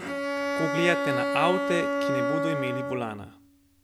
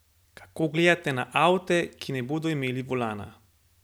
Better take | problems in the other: second | background sound (Bowed string instrument); 1 dB above the speech

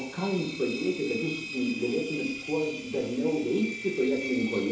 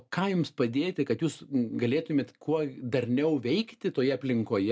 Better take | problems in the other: second | background sound (Engine); 10 dB below the speech // room echo; dies away in 2.6 s

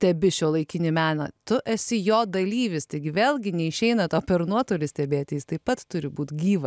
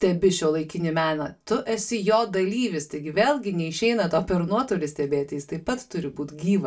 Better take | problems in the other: first | room echo; dies away in 0.2 s

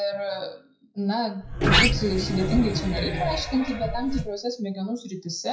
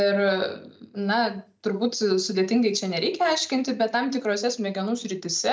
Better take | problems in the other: second | noise reduction (classical method WPE with log-MMSE)

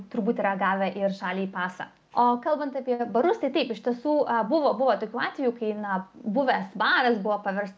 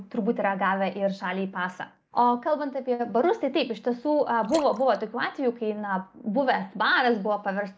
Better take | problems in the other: first | noise reduction (neural mask model Resemble Enhance denoiser)

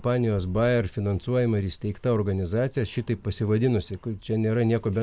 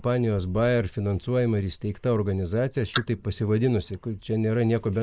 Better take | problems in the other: first | noise reduction (neural mask model Resemble Enhance denoiser)

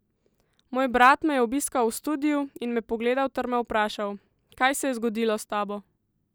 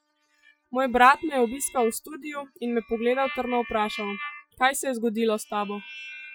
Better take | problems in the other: first | noise reduction (classical method Wiener filter)

